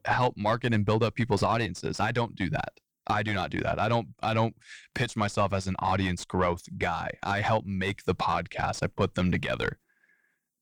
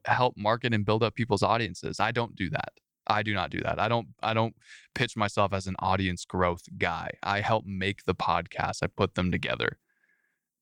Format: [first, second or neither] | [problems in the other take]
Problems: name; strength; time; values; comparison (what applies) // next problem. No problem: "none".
second | distortion; heavy; 7 dB below the speech